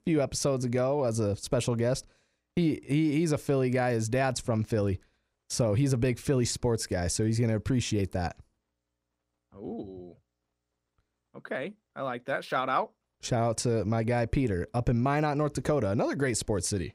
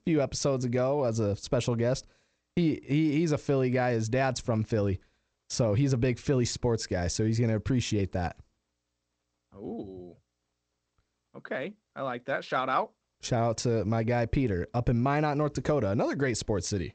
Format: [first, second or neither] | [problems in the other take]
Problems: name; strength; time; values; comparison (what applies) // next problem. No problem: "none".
first | garbled, watery; slightly; nothing above 8 kHz